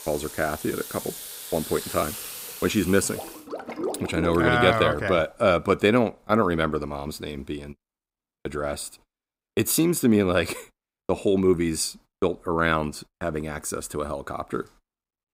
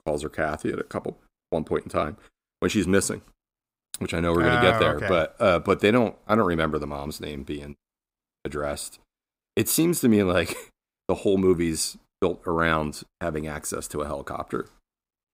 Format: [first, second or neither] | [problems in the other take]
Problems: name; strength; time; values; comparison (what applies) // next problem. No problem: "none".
second | household noises; noticeable; until 5 s; 10 dB below the speech